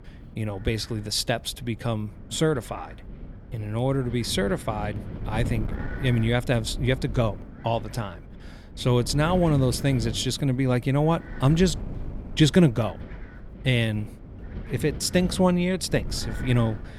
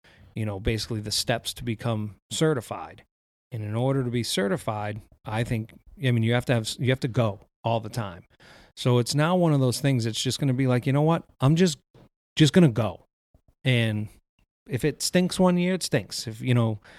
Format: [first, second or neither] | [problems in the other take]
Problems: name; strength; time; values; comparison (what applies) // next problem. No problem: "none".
second | wind noise on the microphone; occasional gusts; 15 dB below the speech